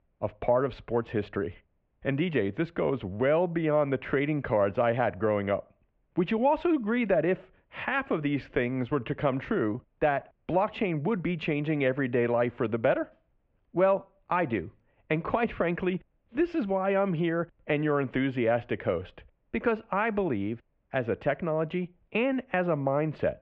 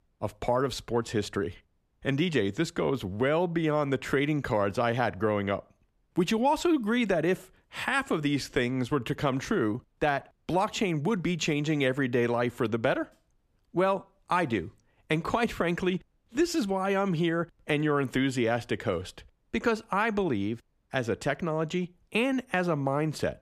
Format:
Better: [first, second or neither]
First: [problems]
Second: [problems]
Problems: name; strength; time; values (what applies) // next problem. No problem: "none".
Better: second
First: muffled; very; fading above 2.5 kHz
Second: none